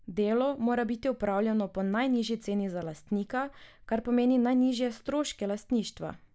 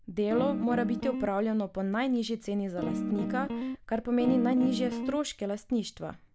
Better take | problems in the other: first | background sound (Guitar); 3 dB below the speech

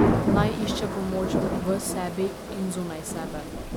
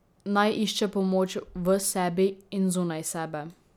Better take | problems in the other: second | background sound (Thunder / Rain); 4 dB above the speech

